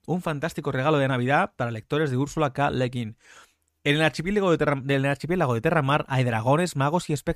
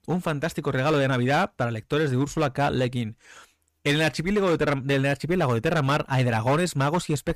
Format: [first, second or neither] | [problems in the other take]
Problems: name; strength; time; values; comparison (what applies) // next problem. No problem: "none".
first | distortion; slight; 9% of the sound clipped